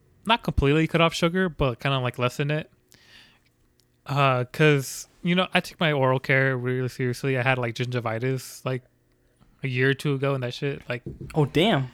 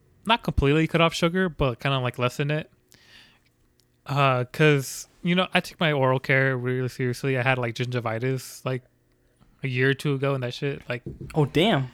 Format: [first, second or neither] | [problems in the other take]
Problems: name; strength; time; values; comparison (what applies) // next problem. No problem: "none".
neither | none